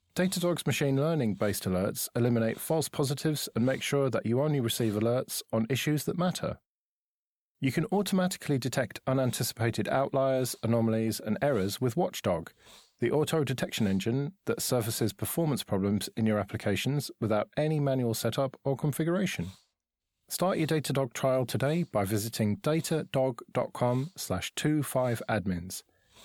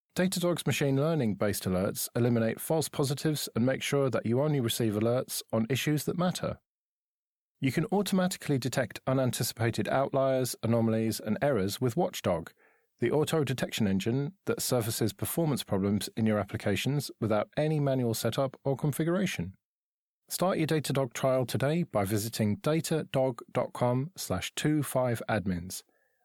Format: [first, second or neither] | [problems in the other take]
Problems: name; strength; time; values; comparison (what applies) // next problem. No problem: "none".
second | hiss; faint; until 5 s, from 8.5 to 15 s and from 19 s on; 25 dB below the speech